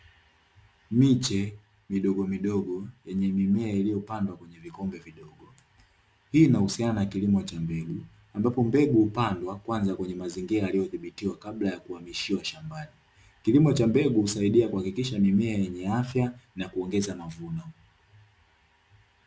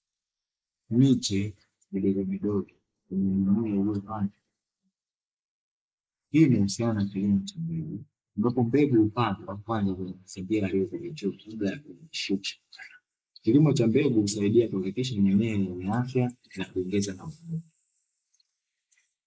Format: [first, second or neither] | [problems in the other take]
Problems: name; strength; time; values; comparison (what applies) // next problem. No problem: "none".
first | noise reduction (neural mask model Resemble Enhance denoiser)